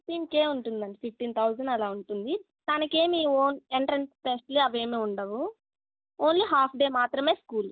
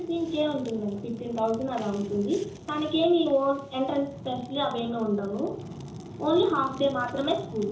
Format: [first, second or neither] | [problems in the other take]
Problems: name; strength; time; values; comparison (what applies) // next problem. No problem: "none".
first | background sound (Fire); 14 dB below the speech // room echo; dies away in 0.6 s